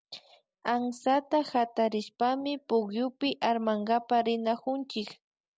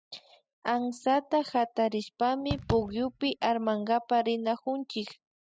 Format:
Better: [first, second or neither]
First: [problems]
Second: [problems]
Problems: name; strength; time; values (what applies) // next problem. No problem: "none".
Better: first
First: none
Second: noise reduction (classical method spectral subtraction)